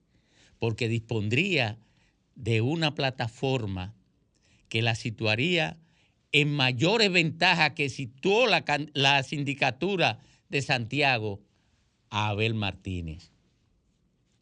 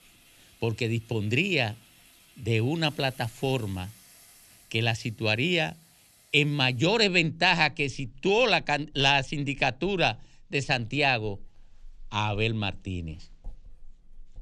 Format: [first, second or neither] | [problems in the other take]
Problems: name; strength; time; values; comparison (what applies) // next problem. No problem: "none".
first | household noises; faint; throughout; 30 dB below the speech